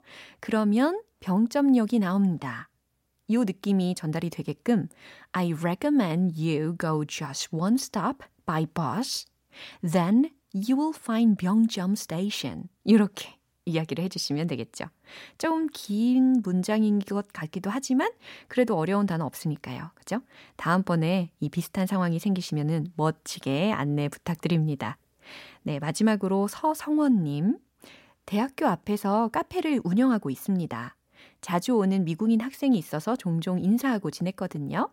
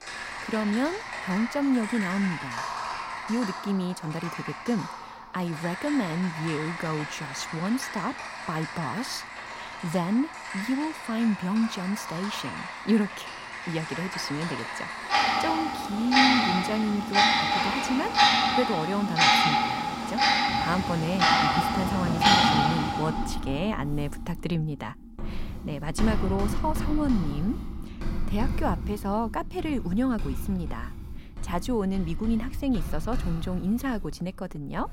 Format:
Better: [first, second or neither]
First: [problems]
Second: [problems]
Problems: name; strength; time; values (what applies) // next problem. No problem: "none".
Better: first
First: none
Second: household noises; very loud; throughout; 2 dB above the speech